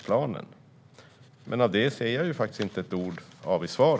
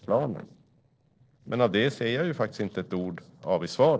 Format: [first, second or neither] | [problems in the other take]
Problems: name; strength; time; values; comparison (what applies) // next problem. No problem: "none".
first | noise reduction (neural separator model SepFormer DNS4)